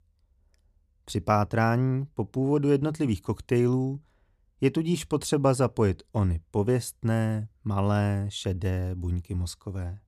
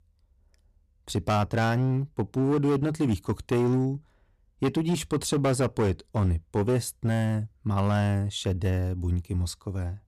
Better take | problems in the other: first | distortion; slight; 9% of the sound clipped

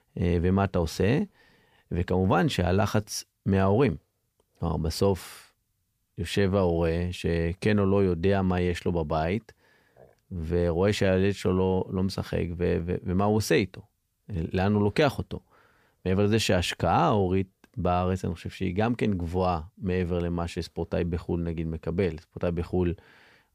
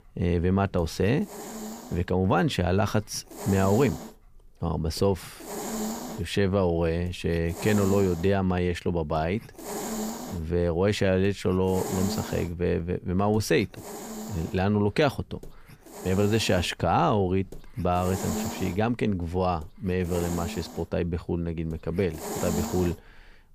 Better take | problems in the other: first | hiss; loud; throughout; 9 dB below the speech

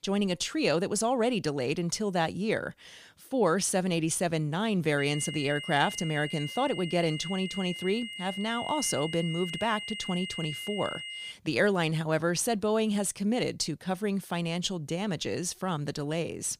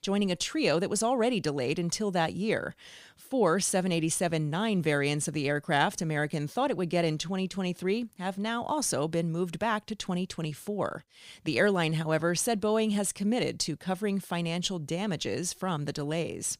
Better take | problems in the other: second | high-pitched whine; loud; from 5 to 11 s; 3 kHz, 8 dB below the speech

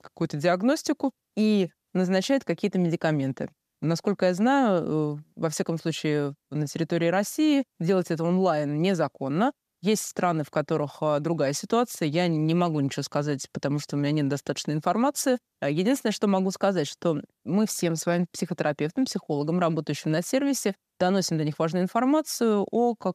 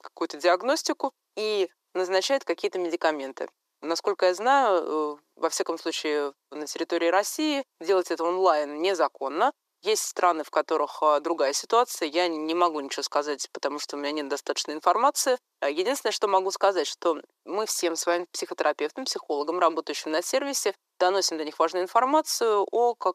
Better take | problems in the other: first | thin; very; fading below 350 Hz

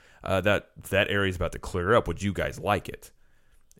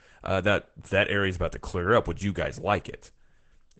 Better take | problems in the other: first | garbled, watery; badly; nothing above 8 kHz

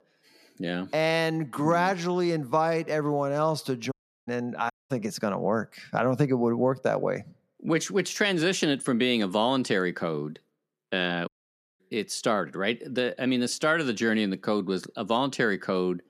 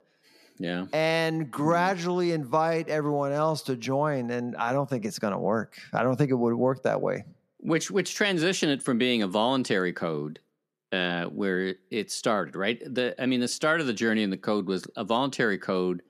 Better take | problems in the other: second | audio cutting out; at 4 s, at 4.5 s and at 11 s for 0.5 s

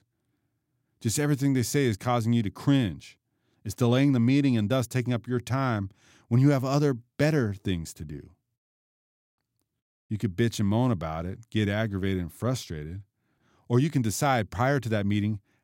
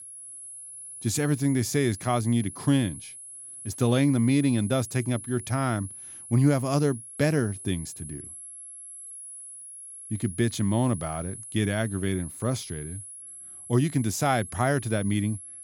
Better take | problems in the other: first | high-pitched whine; noticeable; throughout; 10.5 kHz, 15 dB below the speech

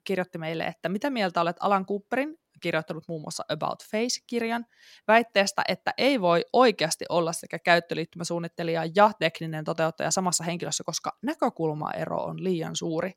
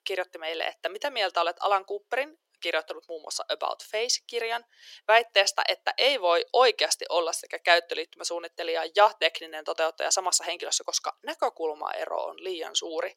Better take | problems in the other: first | thin; very; fading below 400 Hz

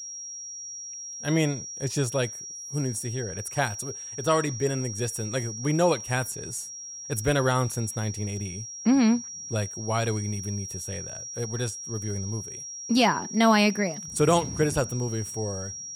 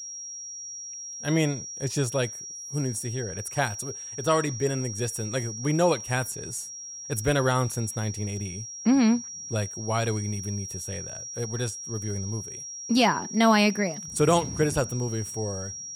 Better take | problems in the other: neither | high-pitched whine; loud; throughout; 5.5 kHz, 8 dB below the speech; the same in both

